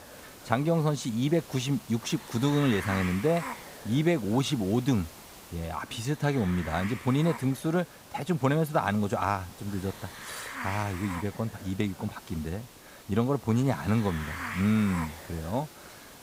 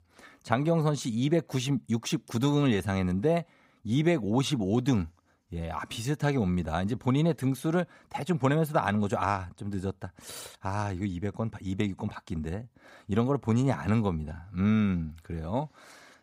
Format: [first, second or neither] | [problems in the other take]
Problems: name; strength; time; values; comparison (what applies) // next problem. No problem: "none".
second | hiss; noticeable; throughout; 15 dB below the speech